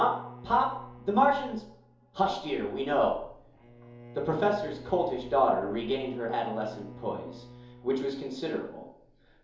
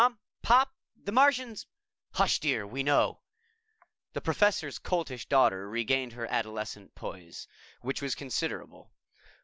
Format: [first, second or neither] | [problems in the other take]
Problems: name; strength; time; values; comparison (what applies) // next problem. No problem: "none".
second | background sound (Bowed string instrument); 19 dB below the speech // room echo; dies away in 2.8 s